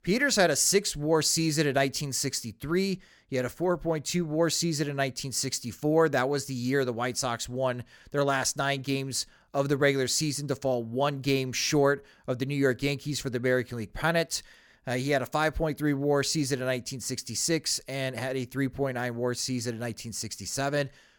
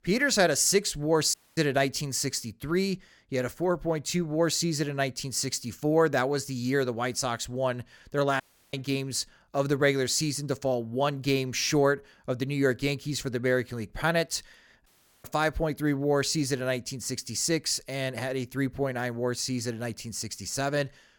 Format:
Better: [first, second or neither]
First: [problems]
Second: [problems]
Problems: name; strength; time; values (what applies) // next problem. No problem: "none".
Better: first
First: none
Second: audio cutting out; at 1.5 s, at 8.5 s and at 15 s